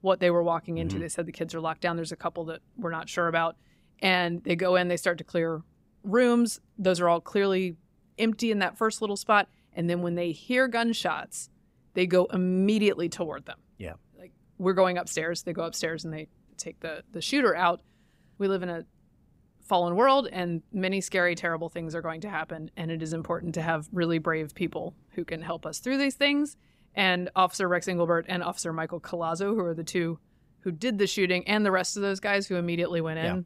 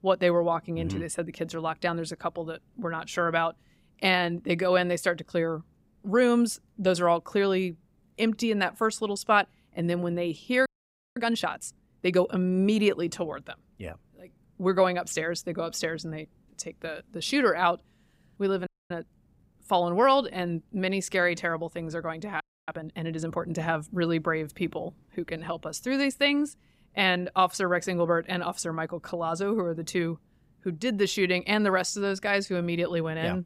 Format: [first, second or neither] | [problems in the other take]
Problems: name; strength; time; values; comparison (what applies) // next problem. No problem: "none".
first | audio freezing; at 11 s for 0.5 s, at 19 s and at 22 s